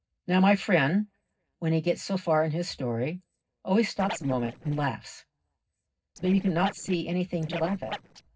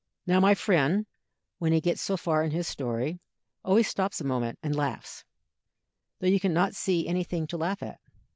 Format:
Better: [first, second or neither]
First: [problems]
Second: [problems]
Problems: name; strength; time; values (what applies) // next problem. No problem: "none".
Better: second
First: noise reduction (neural separator model SepFormer DNS4)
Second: none